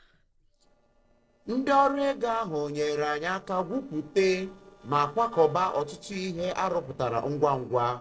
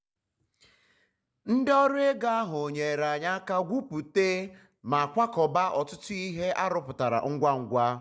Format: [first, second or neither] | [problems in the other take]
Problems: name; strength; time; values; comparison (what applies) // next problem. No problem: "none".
second | noise reduction (neural separator model SepFormer DNS4)